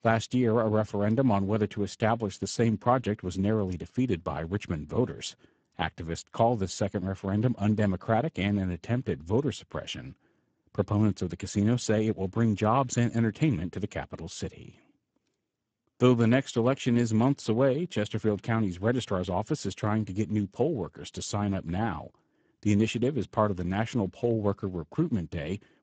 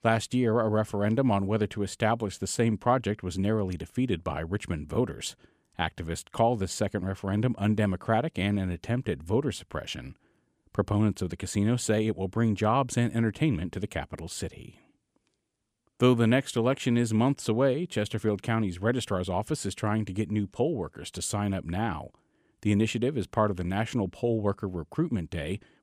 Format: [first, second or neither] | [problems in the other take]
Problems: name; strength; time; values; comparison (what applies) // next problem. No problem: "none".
second | garbled, watery; badly; nothing above 7.5 kHz